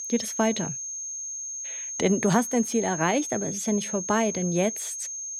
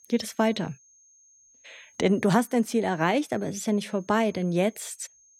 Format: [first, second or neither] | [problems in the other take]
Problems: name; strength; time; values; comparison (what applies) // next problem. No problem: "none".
second | high-pitched whine; loud; throughout; 6.5 kHz, 5 dB below the speech; faint in the second